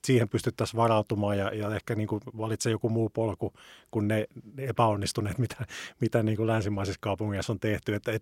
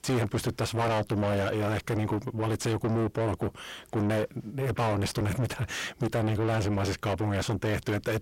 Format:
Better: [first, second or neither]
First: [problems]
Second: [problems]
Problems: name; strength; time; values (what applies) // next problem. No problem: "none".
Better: first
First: none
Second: distortion; heavy; 5 dB below the speech